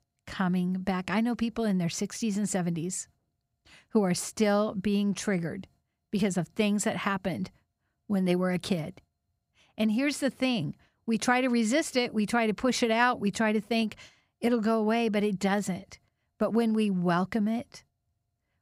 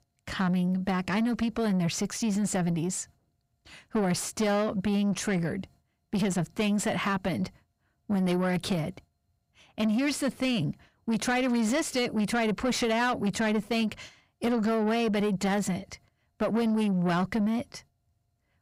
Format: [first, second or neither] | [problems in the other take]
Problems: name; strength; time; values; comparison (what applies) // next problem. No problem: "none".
first | distortion; slight; 10 dB below the speech